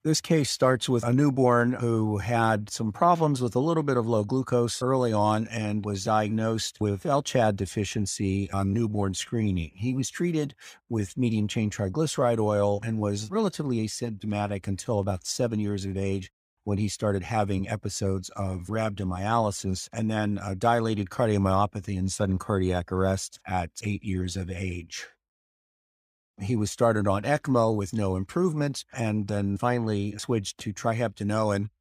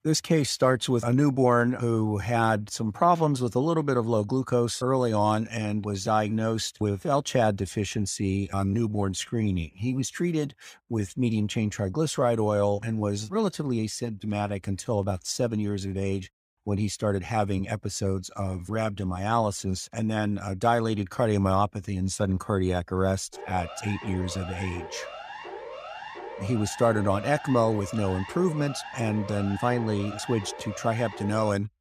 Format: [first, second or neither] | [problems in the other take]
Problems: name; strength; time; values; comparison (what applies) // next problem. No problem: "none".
first | siren; faint; from 23 s on; peak 10 dB below the speech